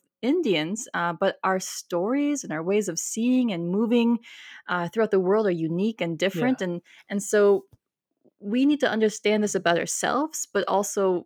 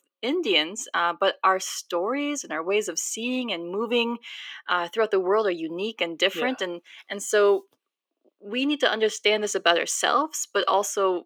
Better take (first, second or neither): first